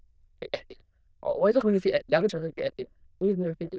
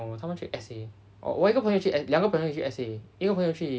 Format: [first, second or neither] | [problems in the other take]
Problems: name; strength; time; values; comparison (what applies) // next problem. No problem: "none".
second | noise reduction (neural diffusion model UNIVERSE++)